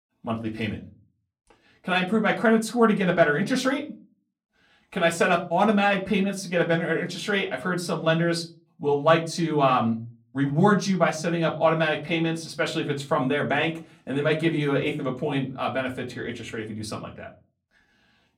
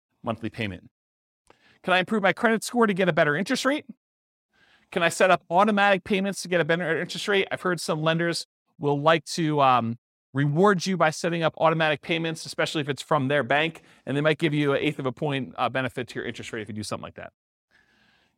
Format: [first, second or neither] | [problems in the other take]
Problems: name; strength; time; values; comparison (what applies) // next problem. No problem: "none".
second | off-mic speech; far // room echo; very slight; dies away in 0.3 s